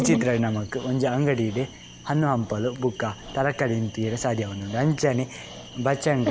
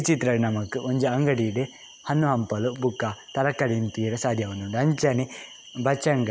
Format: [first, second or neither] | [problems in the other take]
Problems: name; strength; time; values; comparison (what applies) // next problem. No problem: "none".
second | background sound (Dog); 11 dB below the speech